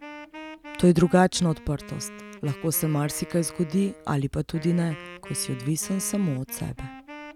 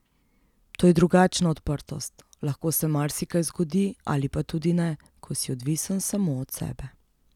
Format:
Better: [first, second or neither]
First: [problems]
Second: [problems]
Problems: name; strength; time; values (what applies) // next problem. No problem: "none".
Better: second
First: background sound (Wind instrument, woodwind instrument); 17 dB below the speech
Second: none